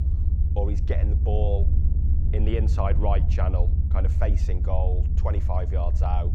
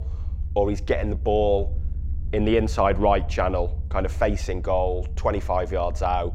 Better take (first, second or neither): second